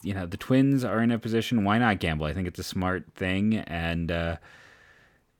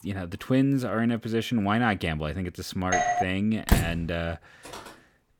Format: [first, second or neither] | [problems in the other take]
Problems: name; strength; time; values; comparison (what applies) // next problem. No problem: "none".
first | doorbell; loud; at 3 s; peak 3 dB above the speech // door banging; loud; at 3.5 s; peak 2 dB above the speech // footsteps; faint; at 4.5 s; peak 15 dB below the speech